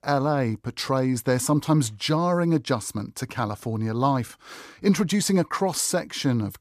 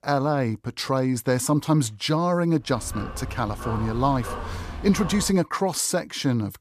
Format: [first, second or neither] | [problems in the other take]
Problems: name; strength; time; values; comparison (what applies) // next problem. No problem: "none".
first | dog barking; noticeable; from 2.5 to 5.5 s; peak 9 dB below the speech